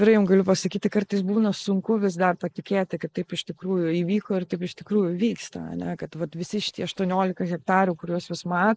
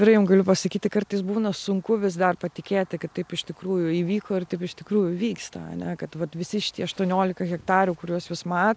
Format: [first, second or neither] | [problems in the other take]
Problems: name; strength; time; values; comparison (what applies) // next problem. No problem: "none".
second | noise reduction (neural mask model Resemble Enhance denoiser)